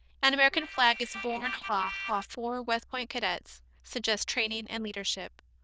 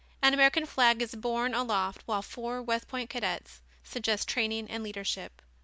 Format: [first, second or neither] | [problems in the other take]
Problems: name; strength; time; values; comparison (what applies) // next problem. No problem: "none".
second | noise reduction (neural diffusion model UNIVERSE++)